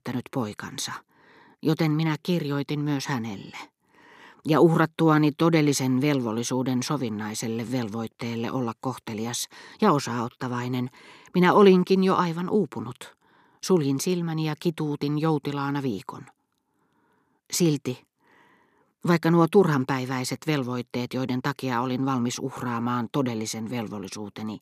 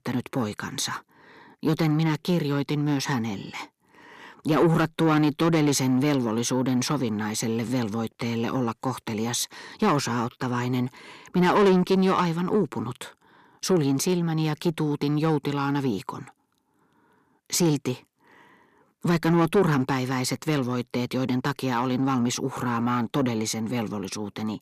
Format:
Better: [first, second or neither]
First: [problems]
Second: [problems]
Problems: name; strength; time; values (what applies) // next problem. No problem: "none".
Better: first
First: none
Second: distortion; slight; 10 dB below the speech